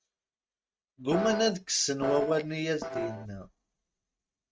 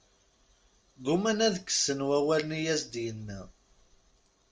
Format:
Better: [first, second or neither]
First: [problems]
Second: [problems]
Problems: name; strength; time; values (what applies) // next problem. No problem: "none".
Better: second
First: noise reduction (neural mask model RNNoise)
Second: none